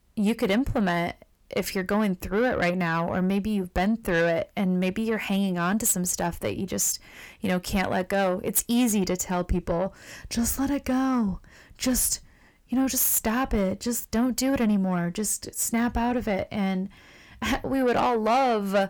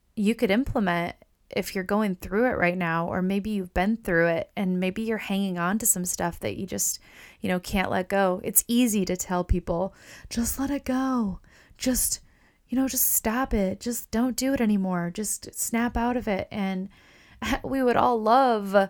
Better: second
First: distortion; slight; 10 dB below the speech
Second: none

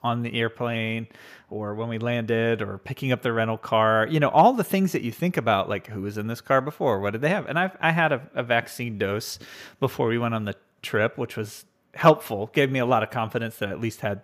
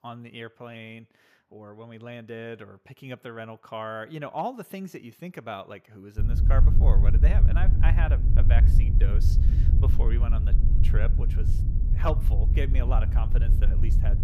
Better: first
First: none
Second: low rumble; loud; from 6 s on; 5 dB below the speech

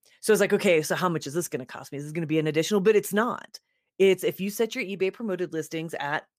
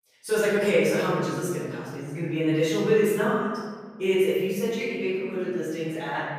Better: first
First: none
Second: off-mic speech; far // room echo; strong; dies away in 1.4 s

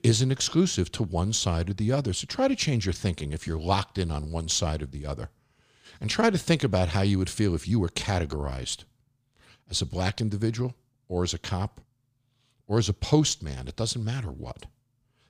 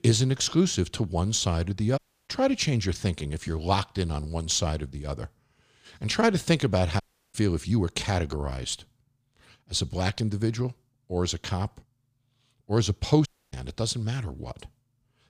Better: first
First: none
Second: audio cutting out; at 2 s, at 7 s and at 13 s

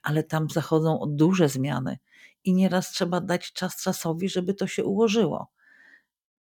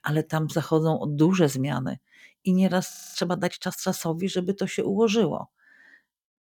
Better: first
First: none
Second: audio freezing; at 3 s

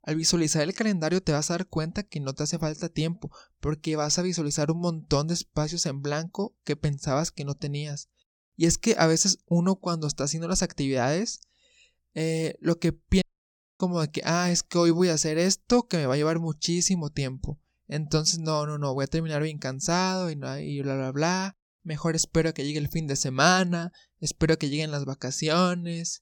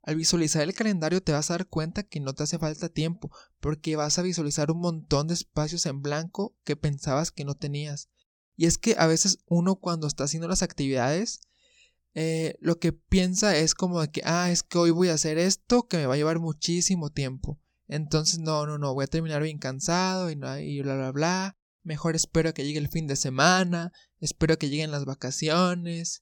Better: second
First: audio cutting out; at 13 s for 0.5 s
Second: none

